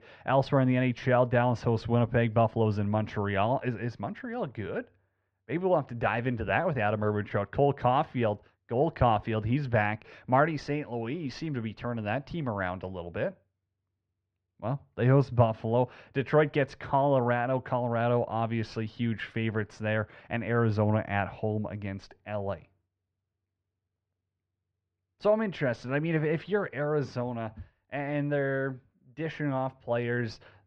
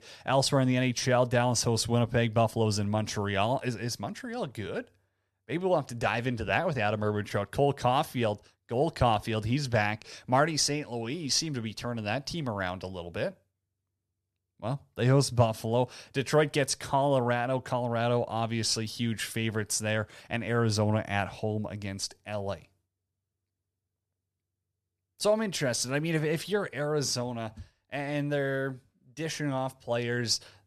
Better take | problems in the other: second | muffled; very; fading above 2.5 kHz

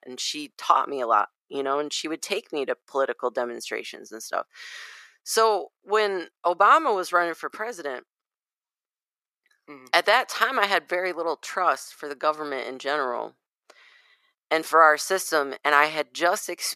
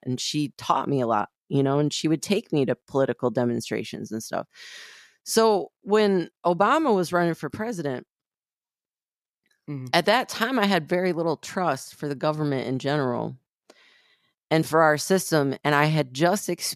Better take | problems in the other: second | thin; very; fading below 450 Hz

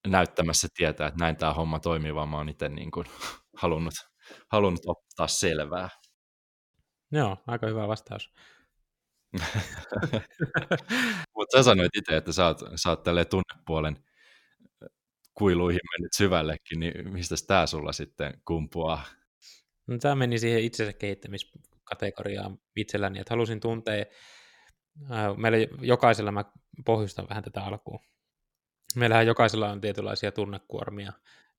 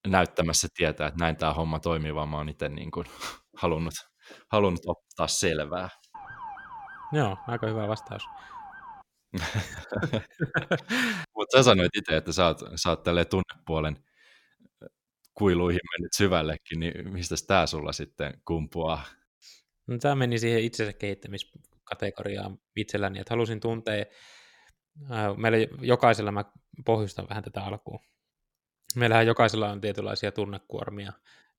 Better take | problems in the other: first | siren; faint; from 6 to 9 s; peak 15 dB below the speech

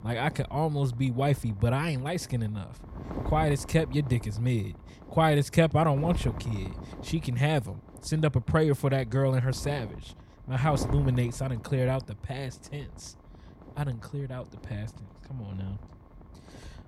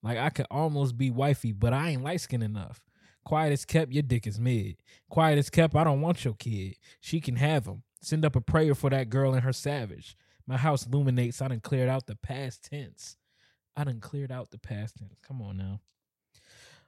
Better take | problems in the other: second | wind noise on the microphone; occasional gusts; 15 dB below the speech

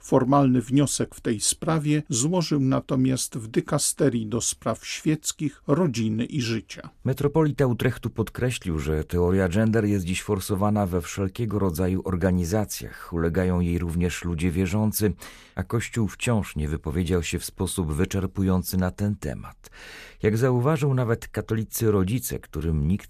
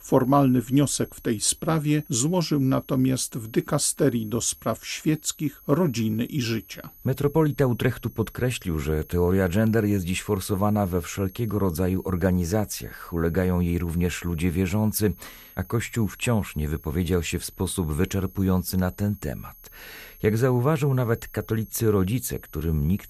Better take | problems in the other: first | high-pitched whine; faint; throughout; 12 kHz, 25 dB below the speech

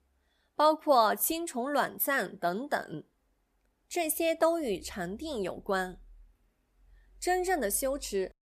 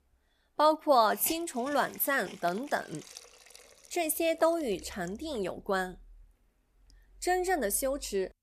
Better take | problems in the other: first | hiss; noticeable; throughout; 20 dB below the speech

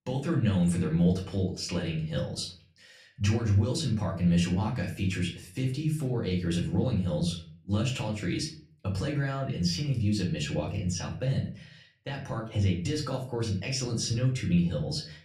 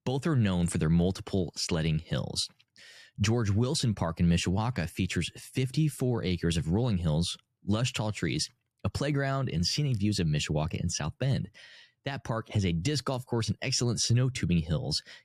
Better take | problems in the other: second | room echo; slight; dies away in 0.4 s // off-mic speech; far

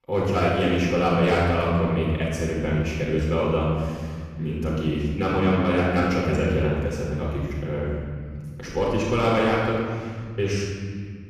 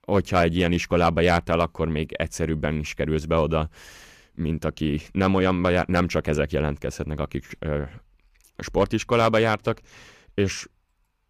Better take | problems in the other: second | off-mic speech; far // room echo; strong; dies away in 2.3 s

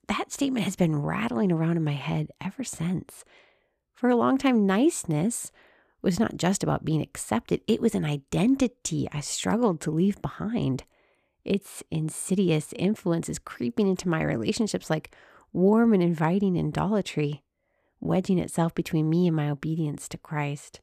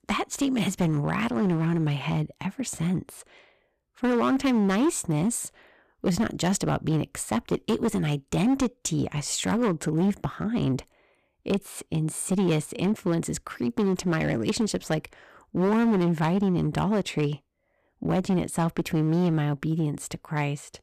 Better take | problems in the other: first | distortion; slight; 9% of the sound clipped

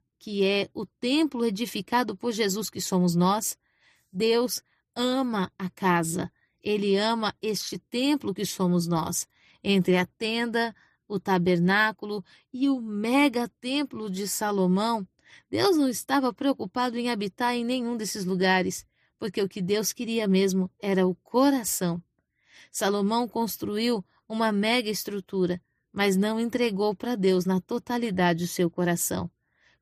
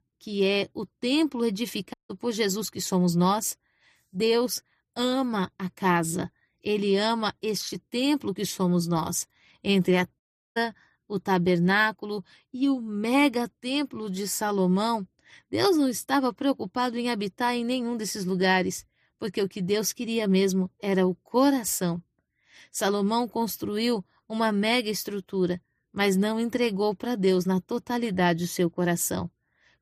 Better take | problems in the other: first | audio cutting out; at 2 s and at 10 s

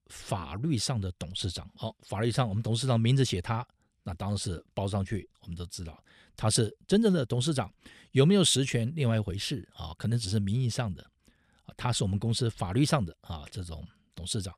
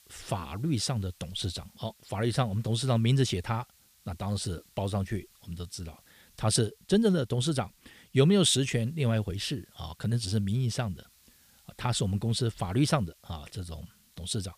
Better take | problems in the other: first | hiss; faint; throughout; 30 dB below the speech

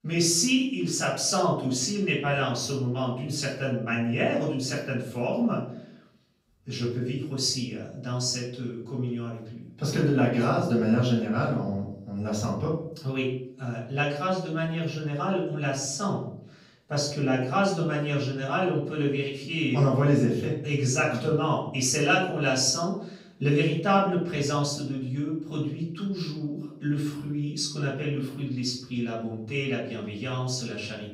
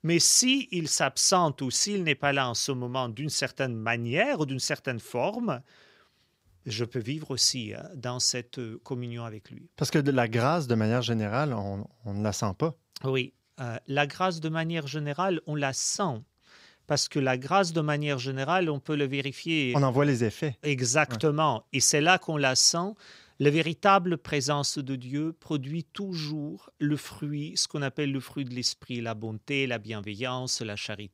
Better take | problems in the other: second | room echo; noticeable; dies away in 0.6 s // off-mic speech; far

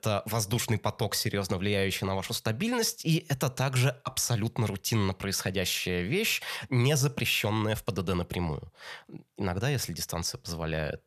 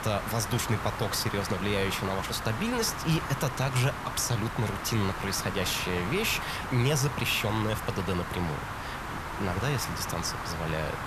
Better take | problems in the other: first | hiss; loud; throughout; 6 dB below the speech

